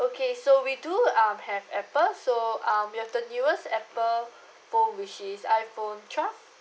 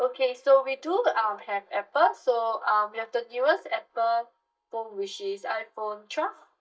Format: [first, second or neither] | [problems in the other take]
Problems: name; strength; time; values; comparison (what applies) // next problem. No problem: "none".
first | noise reduction (neural mask model DeepFilterNet 3)